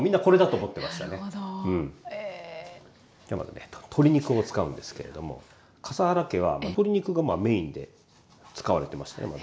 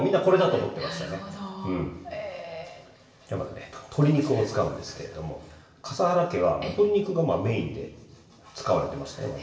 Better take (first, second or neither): first